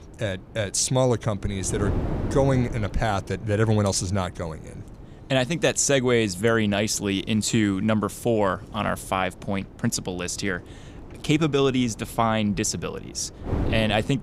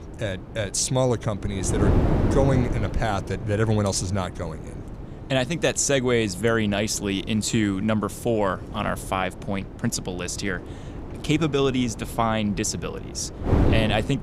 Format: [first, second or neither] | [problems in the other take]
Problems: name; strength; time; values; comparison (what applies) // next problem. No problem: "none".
first | wind noise on the microphone; heavy; 10 dB below the speech; occasional gusts in the first